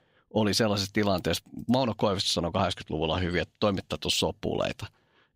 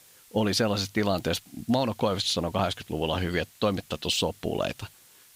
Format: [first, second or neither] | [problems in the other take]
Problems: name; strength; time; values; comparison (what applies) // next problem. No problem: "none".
first | hiss; faint; throughout; 25 dB below the speech